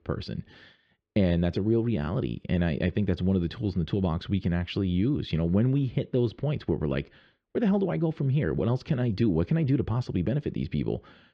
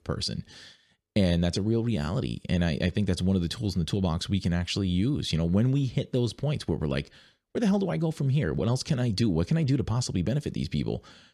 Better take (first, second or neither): second